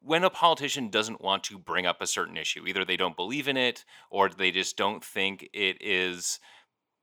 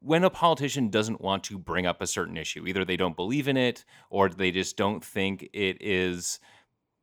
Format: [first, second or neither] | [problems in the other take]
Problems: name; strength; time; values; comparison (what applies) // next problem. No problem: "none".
second | thin; somewhat; fading below 500 Hz